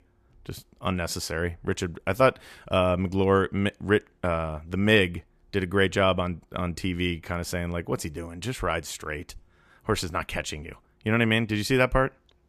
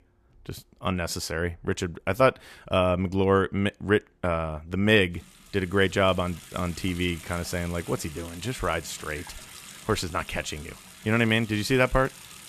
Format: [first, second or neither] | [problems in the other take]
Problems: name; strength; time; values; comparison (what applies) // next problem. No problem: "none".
first | household noises; noticeable; throughout; 20 dB below the speech